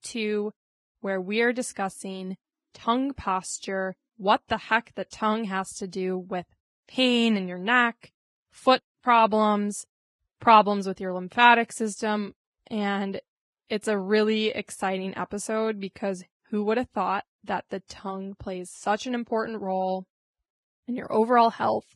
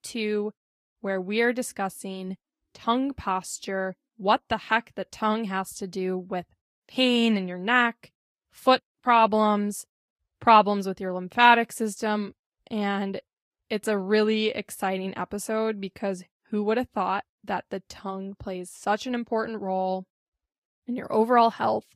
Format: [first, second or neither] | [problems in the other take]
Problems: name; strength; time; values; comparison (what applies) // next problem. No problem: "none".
second | garbled, watery; badly; nothing above 10.5 kHz; slightly in the second